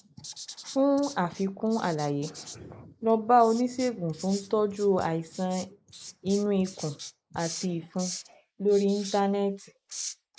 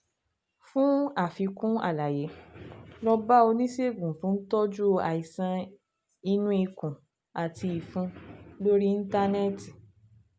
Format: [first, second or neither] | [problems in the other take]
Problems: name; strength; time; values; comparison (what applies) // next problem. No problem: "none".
second | noise reduction (neural mask model Resemble Enhance denoiser)